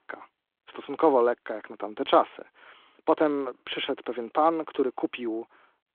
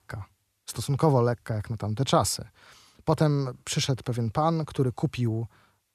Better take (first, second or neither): second